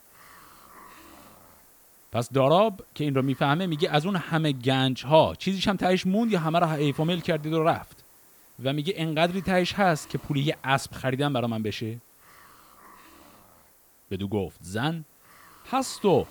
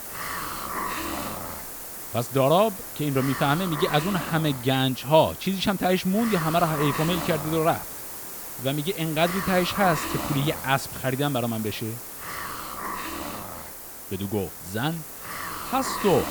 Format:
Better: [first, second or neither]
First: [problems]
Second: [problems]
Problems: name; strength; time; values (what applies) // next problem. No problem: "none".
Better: first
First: hiss; faint; throughout; 25 dB below the speech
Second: hiss; loud; throughout; 7 dB below the speech